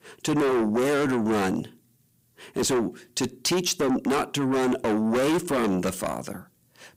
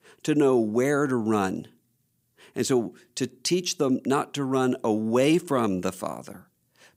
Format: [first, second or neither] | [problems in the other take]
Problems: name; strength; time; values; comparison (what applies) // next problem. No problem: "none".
second | distortion; heavy; 6 dB below the speech